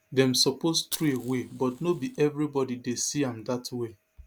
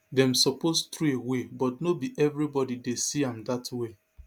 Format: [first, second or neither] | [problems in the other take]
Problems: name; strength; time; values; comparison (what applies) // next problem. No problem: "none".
second | background sound (Fire); 14 dB below the speech